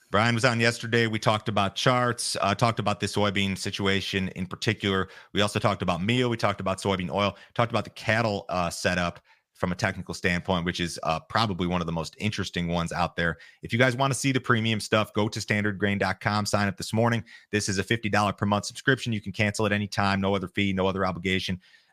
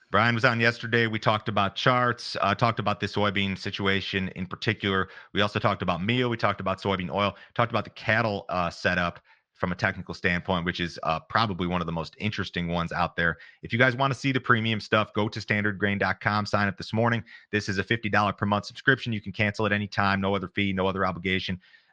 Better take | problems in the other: first | muffled; very slightly; fading above 5 kHz

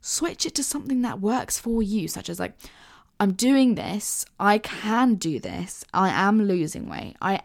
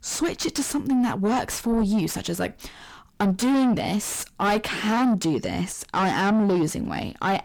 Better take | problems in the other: first | distortion; heavy; 7 dB below the speech

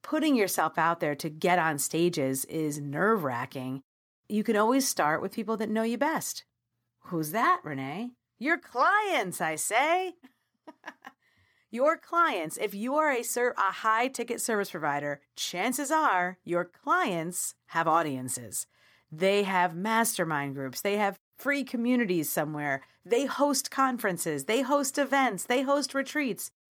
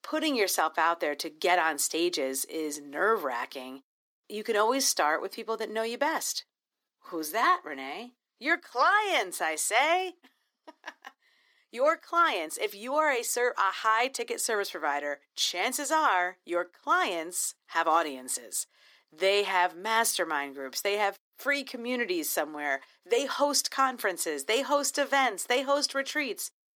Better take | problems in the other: first | thin; somewhat; fading below 300 Hz

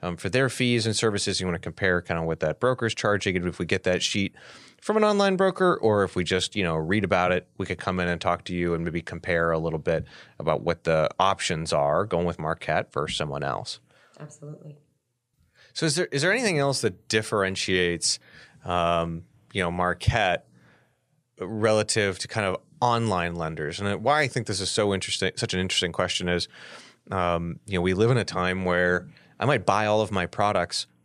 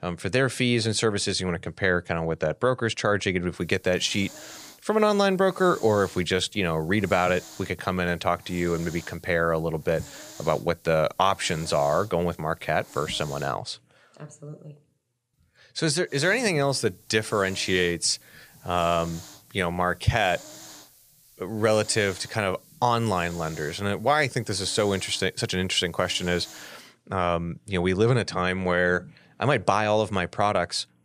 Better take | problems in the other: first | hiss; faint; from 3.5 to 14 s and from 16 to 27 s; 20 dB below the speech

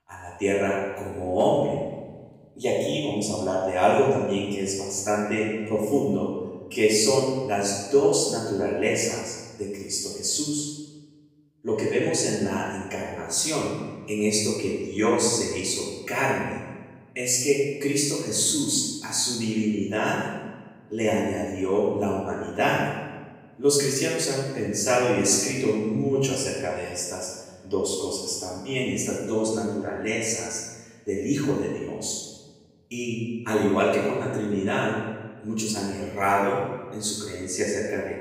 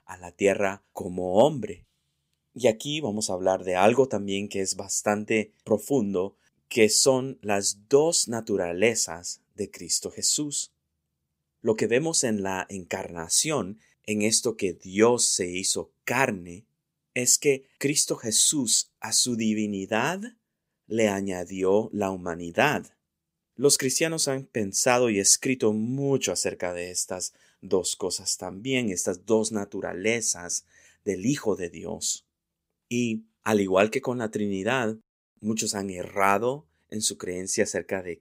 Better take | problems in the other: second | room echo; noticeable; dies away in 1.2 s // off-mic speech; far

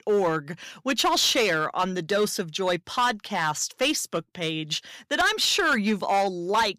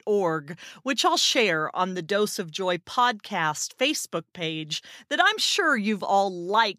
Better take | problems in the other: second | distortion; slight; 7% of the sound clipped

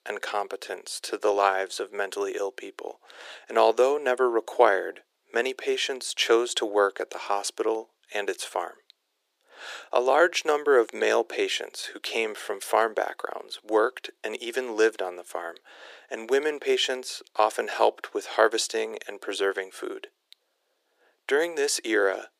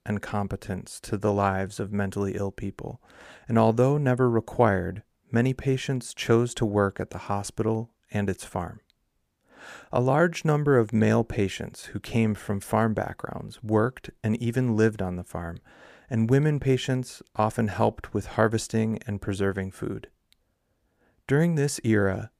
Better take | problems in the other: second | thin; very; fading below 350 Hz

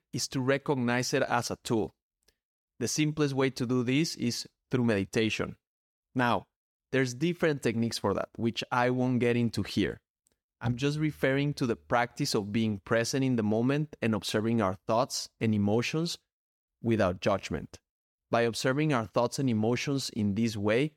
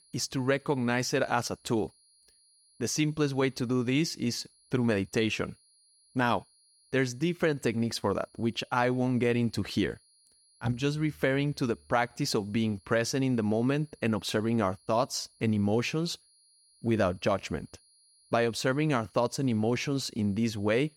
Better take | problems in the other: first | high-pitched whine; faint; throughout; 10.5 kHz, 30 dB below the speech

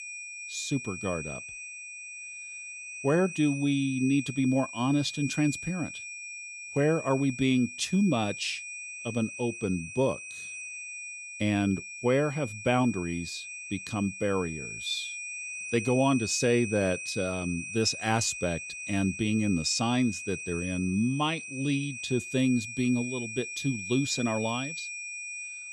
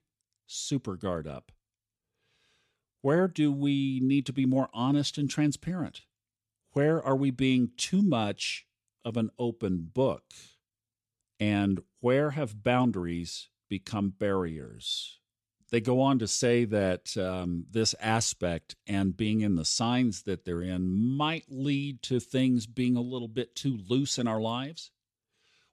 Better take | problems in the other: second | high-pitched whine; loud; throughout; 2.5 kHz, 8 dB below the speech

